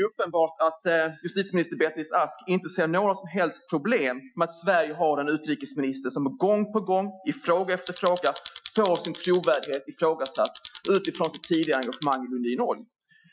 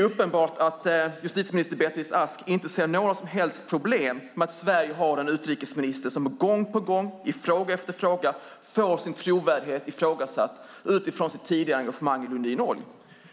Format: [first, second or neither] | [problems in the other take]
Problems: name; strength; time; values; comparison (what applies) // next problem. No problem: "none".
second | noise reduction (classical method Wiener filter)